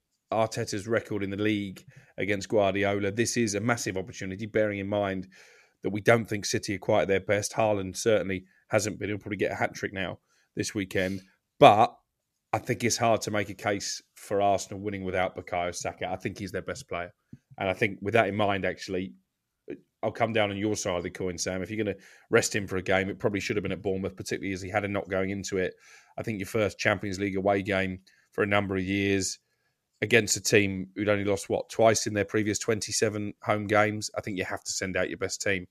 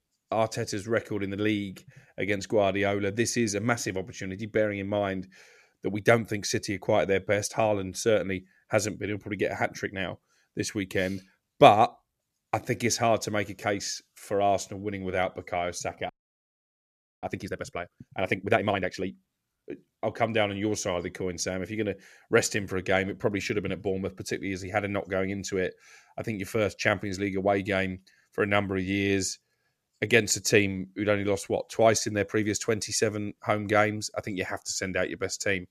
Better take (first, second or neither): first